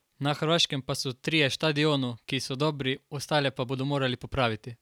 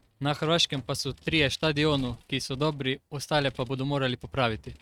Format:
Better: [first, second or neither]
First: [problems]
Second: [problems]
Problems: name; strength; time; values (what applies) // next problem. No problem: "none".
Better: first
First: none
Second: noise reduction (neural mask model RNNoise)